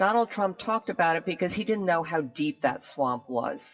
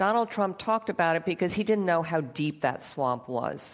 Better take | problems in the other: second | noise reduction (classical method WPE with log-MMSE)

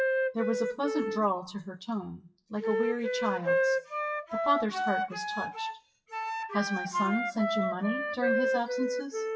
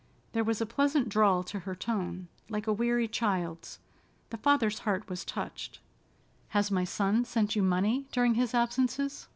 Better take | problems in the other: second | noise reduction (classical method WPE with log-MMSE)

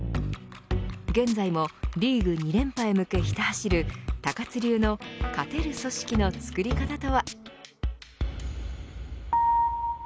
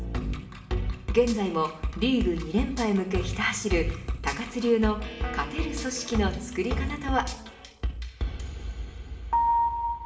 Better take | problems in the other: first | room echo; dies away in 0.8 s

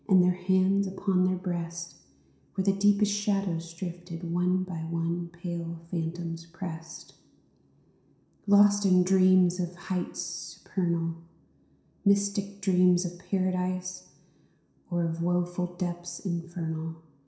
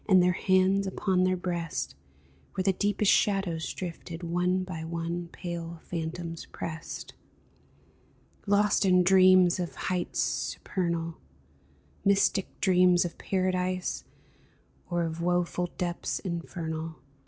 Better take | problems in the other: second | room echo; dies away in 0.7 s

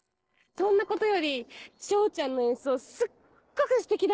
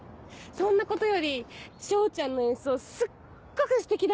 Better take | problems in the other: second | noise reduction (neural separator model SepFormer DNS4)

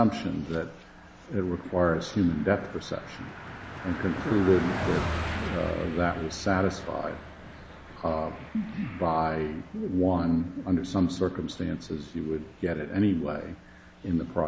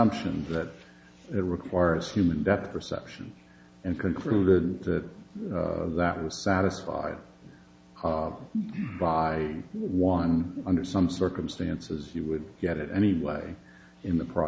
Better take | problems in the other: second | background sound (Car passing by); 11 dB below the speech

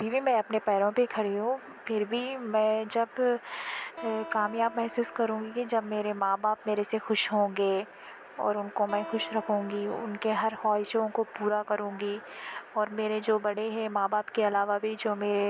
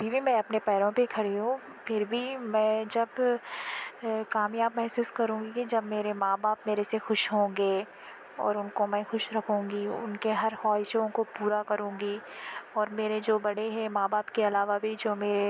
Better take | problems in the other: second | background sound (Acoustic guitar); 18 dB below the speech

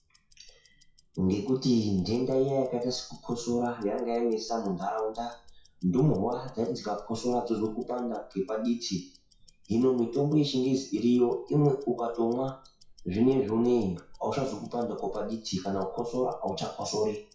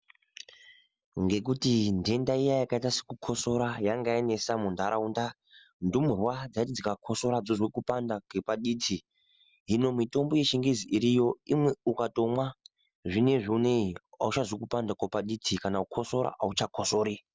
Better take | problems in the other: second | noise reduction (classical method WPE with log-MMSE)

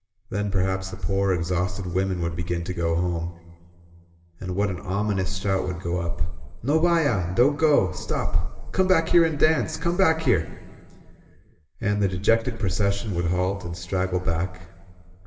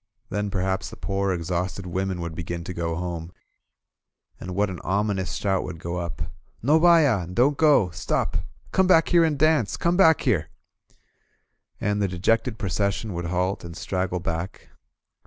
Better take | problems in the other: second | room echo; dies away in 2.2 s

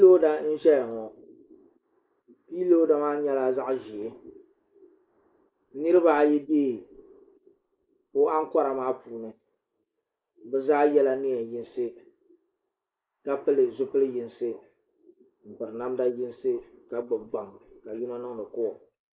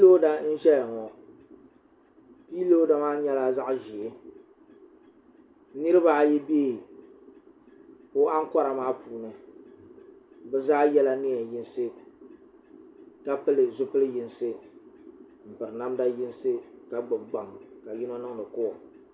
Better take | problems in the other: second | noise reduction (neural mask model Resemble Enhance denoiser)

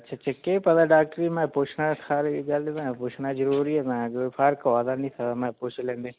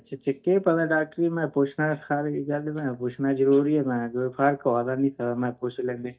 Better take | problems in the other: first | noise reduction (neural mask model DeepFilterNet 3)

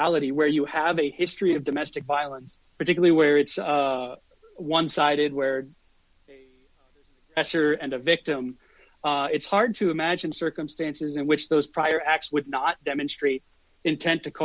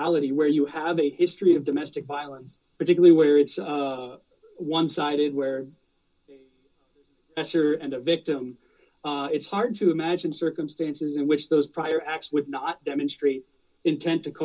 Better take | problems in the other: first | room echo; dies away in 0.2 s

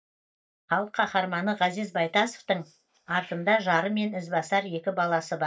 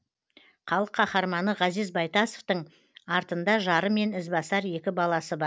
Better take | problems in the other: second | noise reduction (neural mask model DeepFilterNet 3)

